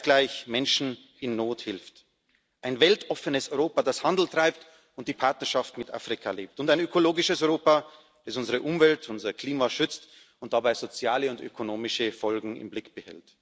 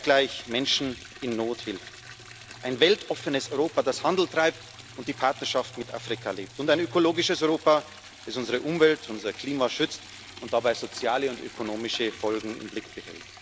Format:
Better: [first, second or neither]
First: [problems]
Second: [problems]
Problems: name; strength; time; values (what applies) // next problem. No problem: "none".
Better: first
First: none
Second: background sound (Liquid); 18 dB below the speech